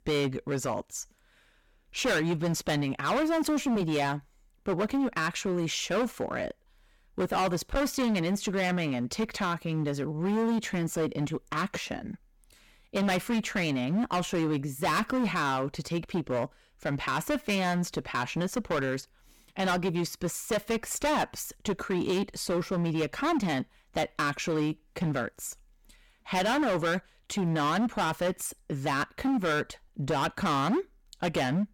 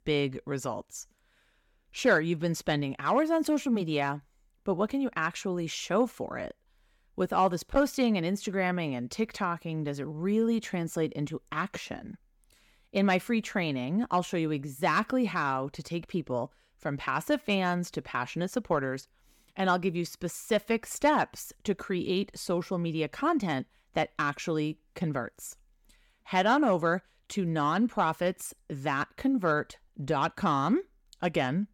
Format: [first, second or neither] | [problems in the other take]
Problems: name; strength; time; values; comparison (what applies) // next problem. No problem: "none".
second | distortion; heavy; 16% of the sound clipped